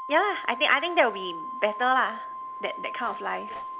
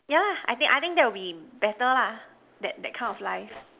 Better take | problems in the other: second | background sound (Organ); 10 dB below the speech

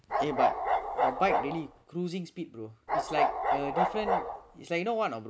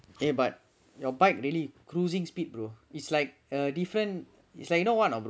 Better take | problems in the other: second | background sound (Bark); 5 dB above the speech

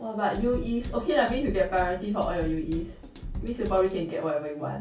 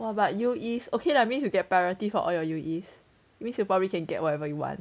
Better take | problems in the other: second | background sound (Drum kit); 8 dB below the speech // room echo; dies away in 0.3 s

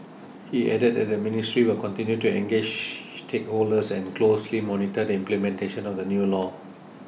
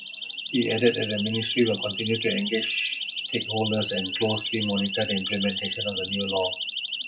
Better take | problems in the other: first | noise reduction (classical method WPE with log-MMSE)

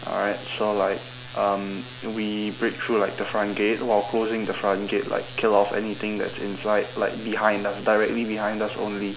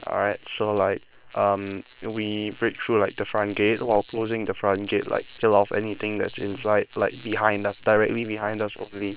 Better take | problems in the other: first | noise reduction (neural separator model SepFormer WHAM!)

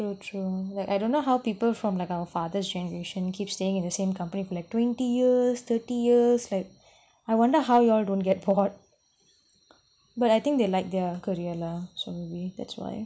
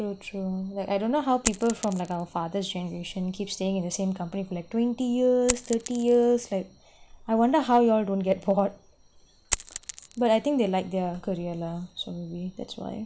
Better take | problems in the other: first | background sound (Coin (dropping)); 14 dB below the speech

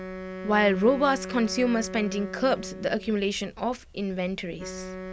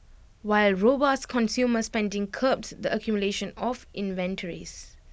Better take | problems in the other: second | background sound (Wind instrument, woodwind instrument); 12 dB below the speech

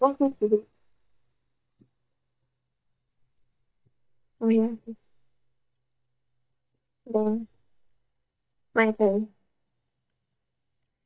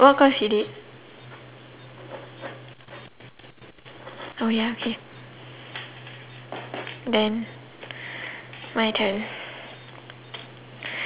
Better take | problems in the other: second | noise reduction (neural mask model DeepFilterNet 3)

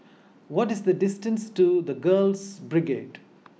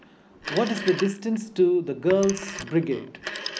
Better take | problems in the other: first | background sound (Telephone); 12 dB below the speech

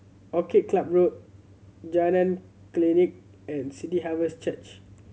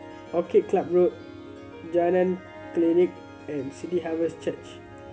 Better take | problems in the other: first | background sound (Harp); 17 dB below the speech

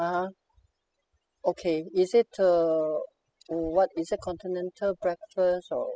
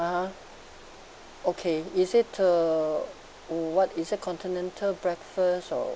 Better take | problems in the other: second | noise reduction (classical method spectral subtraction)

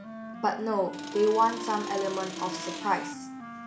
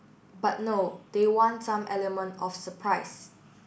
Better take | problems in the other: second | background sound (Accelerating, revving, vroom + Wind instrument, woodwind instrument); 8 dB below the speech

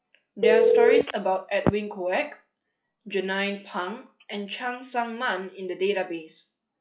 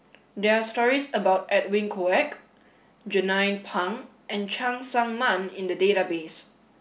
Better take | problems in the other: second | noise reduction (classical method log-MMSE)

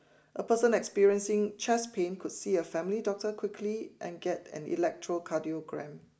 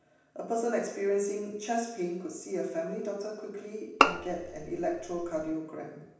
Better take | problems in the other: first | background sound (Bowed string instrument); 3 dB above the speech // room echo; dies away in 0.9 s

